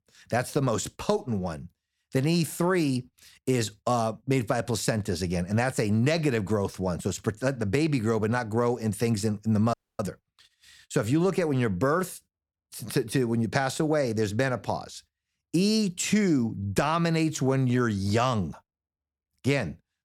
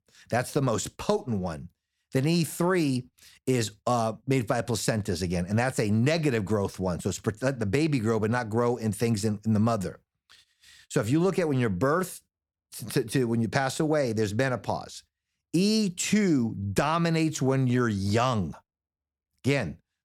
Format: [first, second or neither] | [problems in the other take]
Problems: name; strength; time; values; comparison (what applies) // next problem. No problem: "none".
second | audio freezing; at 9.5 s